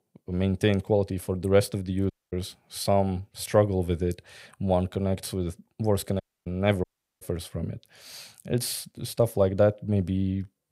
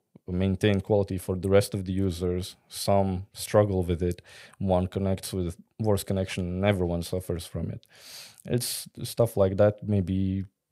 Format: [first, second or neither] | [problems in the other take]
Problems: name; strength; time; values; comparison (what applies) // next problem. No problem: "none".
second | audio cutting out; at 2 s, at 6 s and at 7 s